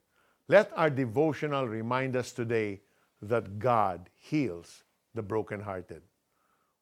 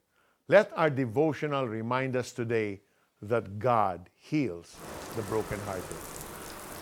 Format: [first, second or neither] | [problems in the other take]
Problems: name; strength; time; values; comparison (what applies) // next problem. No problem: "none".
first | household noises; noticeable; from 5 s on; 10 dB below the speech